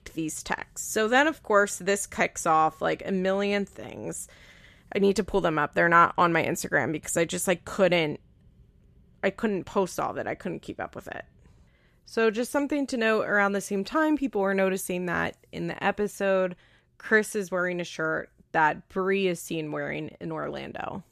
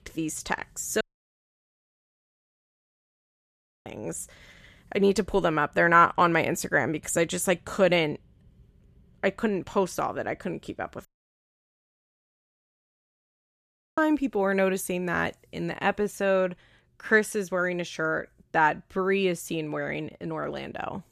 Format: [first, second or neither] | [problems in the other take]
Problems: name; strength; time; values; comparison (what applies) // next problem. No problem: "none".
first | audio cutting out; at 1 s for 3 s and at 11 s for 3 s